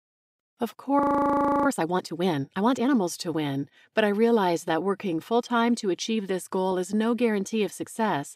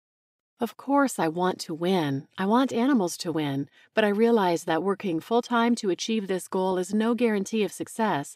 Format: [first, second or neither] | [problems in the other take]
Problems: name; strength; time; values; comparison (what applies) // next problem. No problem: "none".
second | audio freezing; at 1 s for 0.5 s